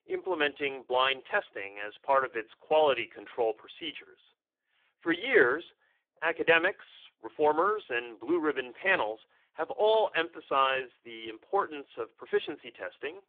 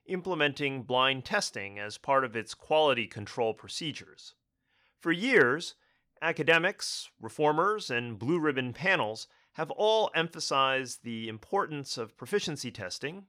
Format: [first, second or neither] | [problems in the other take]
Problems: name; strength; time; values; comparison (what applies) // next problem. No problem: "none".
second | phone-call audio; poor line; nothing above 3.5 kHz